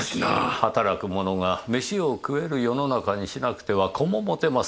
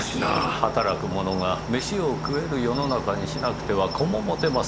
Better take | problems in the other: first | background sound (Cricket); 6 dB below the speech

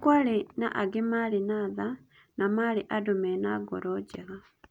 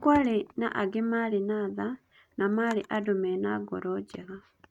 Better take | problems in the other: first | noise reduction (neural mask model RNNoise)

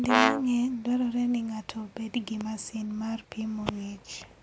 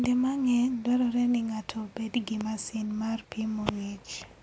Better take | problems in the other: second | background sound (Brass instrument); 3 dB above the speech

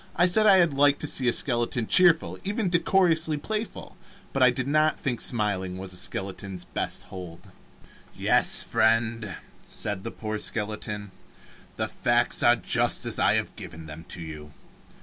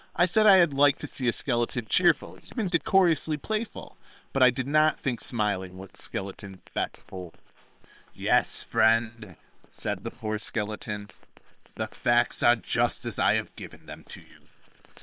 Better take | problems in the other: first | noise reduction (neural separator model SepFormer WHAM!)

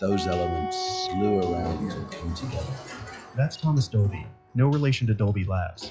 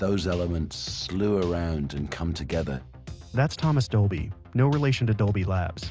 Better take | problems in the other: second | noise reduction (classical method log-MMSE)

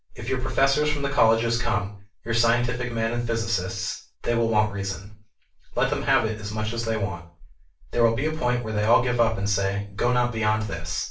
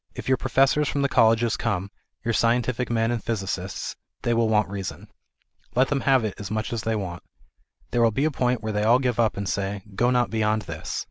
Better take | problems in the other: second | room echo; dies away in 0.3 s

